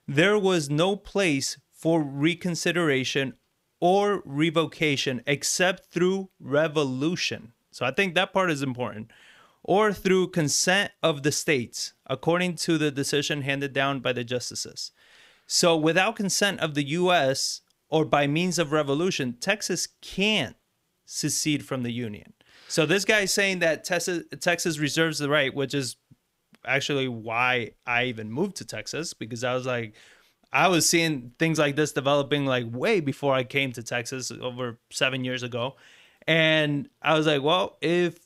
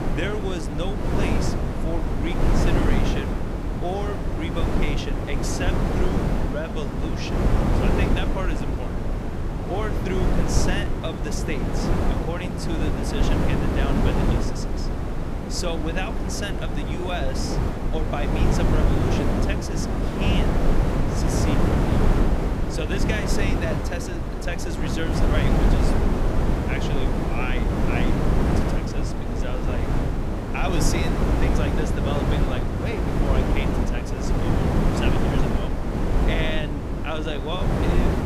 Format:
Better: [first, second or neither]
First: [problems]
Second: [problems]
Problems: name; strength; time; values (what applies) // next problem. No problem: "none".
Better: first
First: none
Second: wind noise on the microphone; heavy; 3 dB above the speech